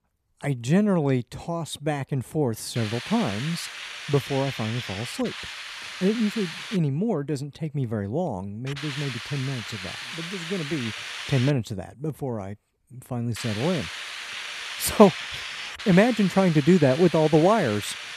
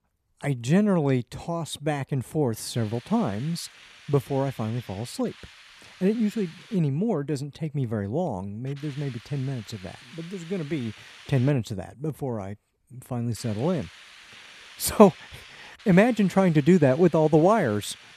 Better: second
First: hiss; loud; from 3 to 7 s, from 8.5 to 12 s and from 13 s on; 9 dB below the speech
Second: hiss; faint; from 3 to 7 s, from 8.5 to 12 s and from 13 s on; 20 dB below the speech

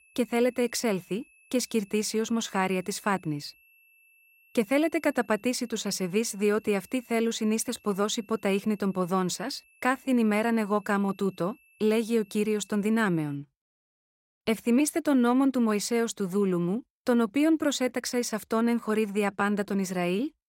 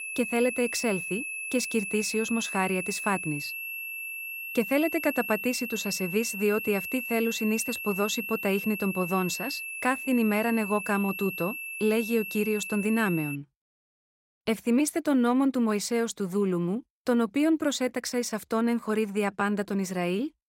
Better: first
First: high-pitched whine; faint; until 13 s; 2.5 kHz, 30 dB below the speech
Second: high-pitched whine; loud; until 13 s; 2.5 kHz, 6 dB below the speech

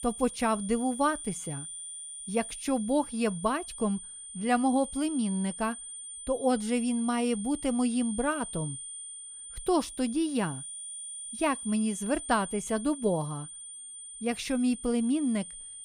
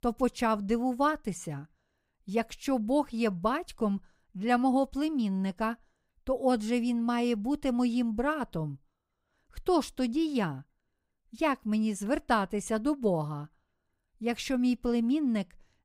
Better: second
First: high-pitched whine; loud; throughout; 9 kHz, 9 dB below the speech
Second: none

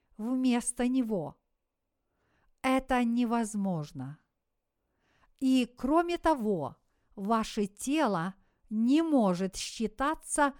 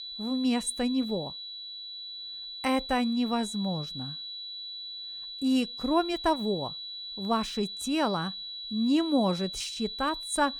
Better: first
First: none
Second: high-pitched whine; loud; throughout; 4 kHz, 7 dB below the speech

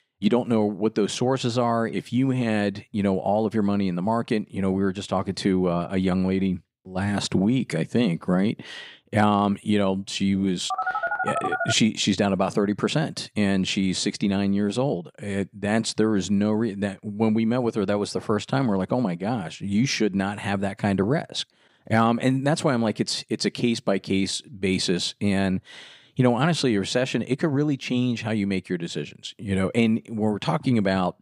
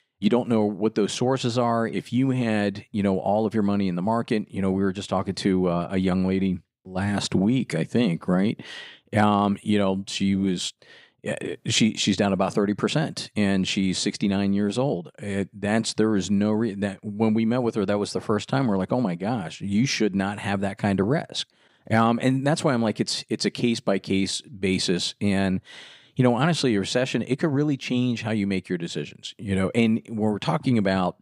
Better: second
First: phone ringing; noticeable; from 11 to 12 s; peak 2 dB below the speech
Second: none

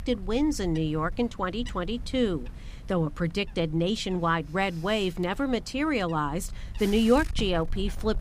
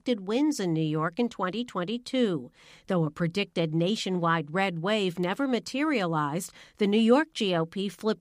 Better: second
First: wind noise on the microphone; occasional gusts; 20 dB below the speech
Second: none

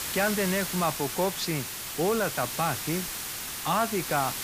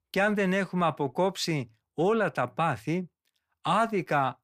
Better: second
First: hiss; loud; throughout; 3 dB below the speech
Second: none

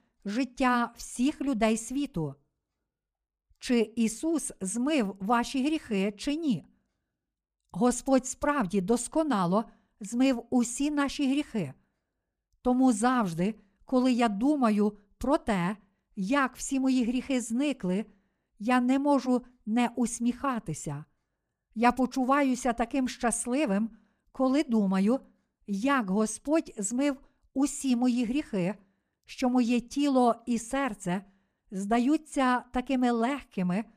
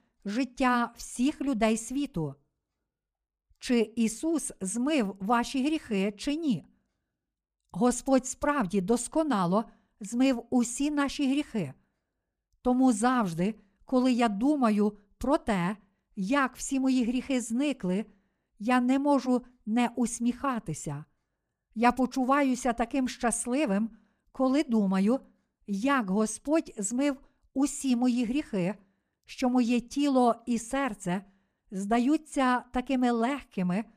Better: neither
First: none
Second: none

